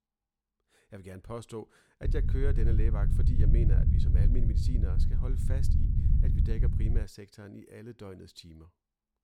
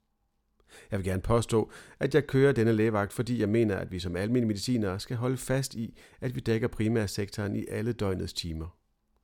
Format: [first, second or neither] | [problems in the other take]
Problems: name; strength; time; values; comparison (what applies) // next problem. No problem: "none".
second | low rumble; very faint; from 2 to 7 s; as loud as the speech